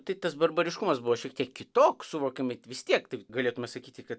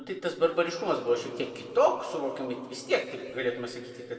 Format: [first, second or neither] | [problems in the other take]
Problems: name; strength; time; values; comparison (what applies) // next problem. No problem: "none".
first | room echo; dies away in 2 s